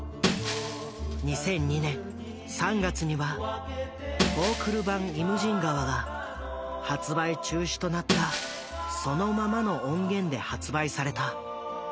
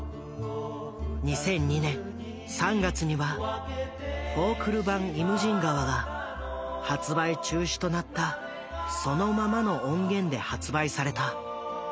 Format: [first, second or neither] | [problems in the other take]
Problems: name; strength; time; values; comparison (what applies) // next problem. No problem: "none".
second | background sound (Shatter); 8 dB below the speech